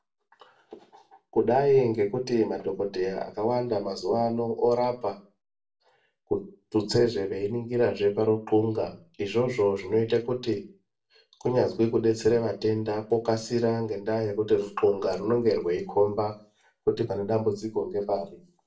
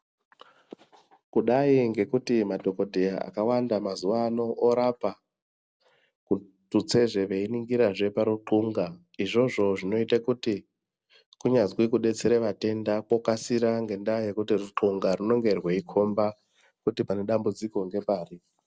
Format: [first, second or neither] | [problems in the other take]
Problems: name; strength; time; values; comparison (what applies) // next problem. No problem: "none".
second | room echo; dies away in 0.3 s